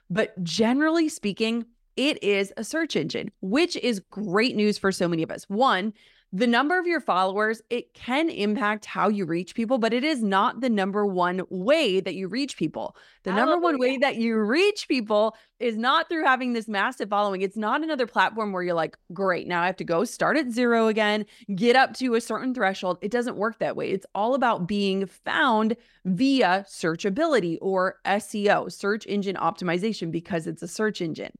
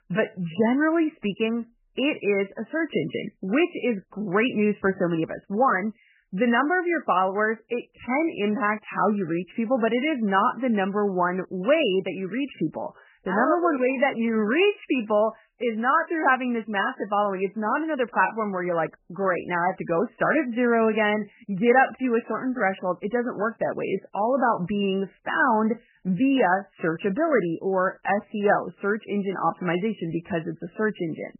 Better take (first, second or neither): first